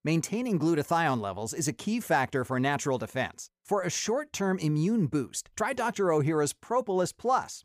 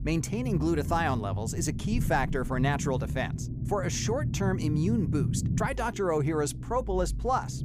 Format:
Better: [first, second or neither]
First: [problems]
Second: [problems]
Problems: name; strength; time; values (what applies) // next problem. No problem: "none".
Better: first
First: none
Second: low rumble; noticeable; throughout; 10 dB below the speech